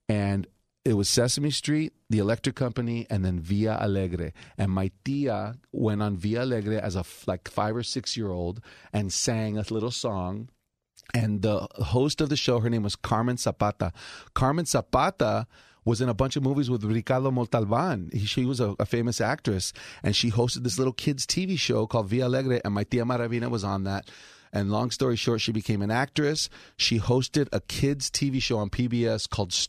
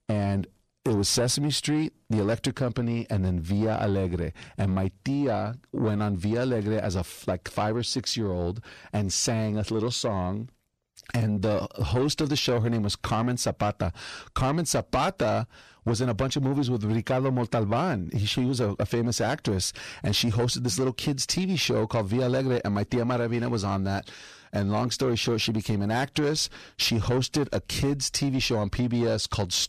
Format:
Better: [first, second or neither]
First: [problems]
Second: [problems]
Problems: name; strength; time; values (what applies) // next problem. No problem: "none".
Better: first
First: none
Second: distortion; slight; 10 dB below the speech